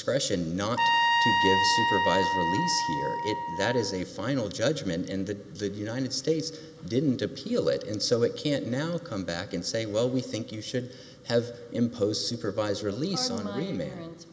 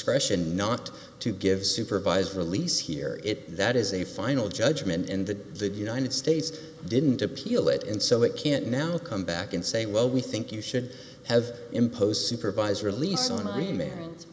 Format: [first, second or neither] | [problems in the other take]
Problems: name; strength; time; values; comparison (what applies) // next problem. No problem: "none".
second | background sound (Trumpet); 3 dB above the speech